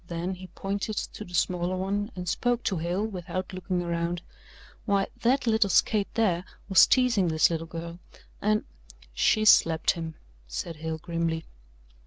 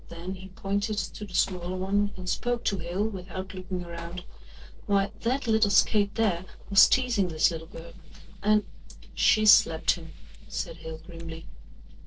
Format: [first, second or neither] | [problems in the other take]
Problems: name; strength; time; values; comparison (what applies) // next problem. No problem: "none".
first | noise reduction (neural separator model SepFormer DNS4)